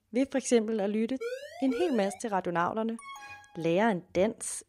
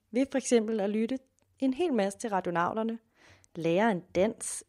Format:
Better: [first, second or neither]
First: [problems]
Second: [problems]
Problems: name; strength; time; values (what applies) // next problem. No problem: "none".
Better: second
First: siren; noticeable; at 1 s; peak 8 dB below the speech // alarm; faint; at 3 s; peak 15 dB below the speech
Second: none